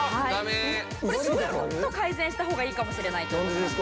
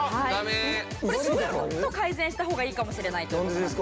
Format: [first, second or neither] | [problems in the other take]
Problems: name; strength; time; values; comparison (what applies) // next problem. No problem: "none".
second | background sound (Trumpet); 11 dB below the speech